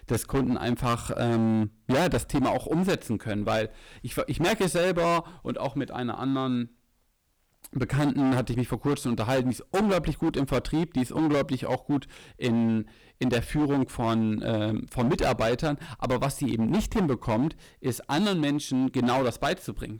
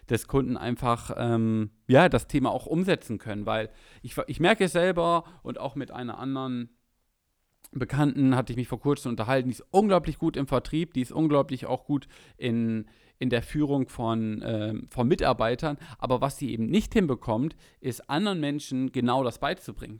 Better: second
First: distortion; heavy; 15% of the sound clipped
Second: none

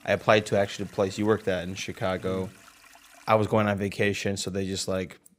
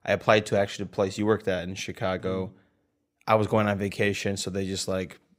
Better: second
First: household noises; faint; throughout; 25 dB below the speech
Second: none

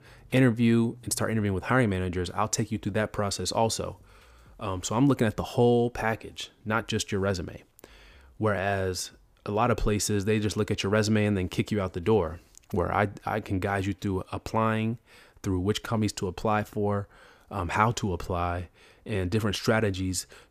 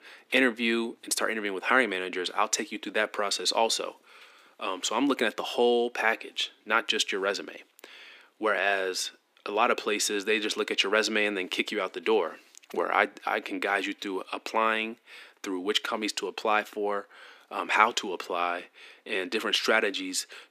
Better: first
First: none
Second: thin; somewhat; fading below 250 Hz

